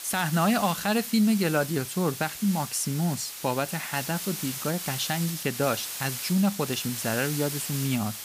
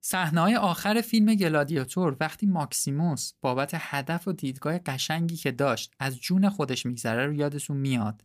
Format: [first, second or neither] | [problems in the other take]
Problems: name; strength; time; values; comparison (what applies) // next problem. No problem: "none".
second | hiss; loud; throughout; 6 dB below the speech